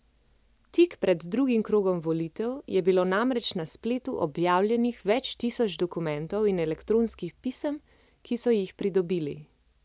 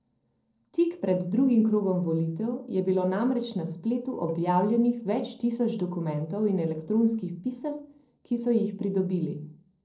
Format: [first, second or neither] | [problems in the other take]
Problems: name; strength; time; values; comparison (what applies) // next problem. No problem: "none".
first | noise reduction (neural separator model SepFormer DNS4)